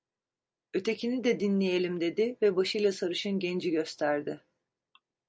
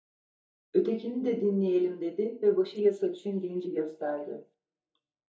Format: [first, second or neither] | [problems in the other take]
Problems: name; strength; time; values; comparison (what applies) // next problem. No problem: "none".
first | noise reduction (neural mask model DeepFilterNet 3)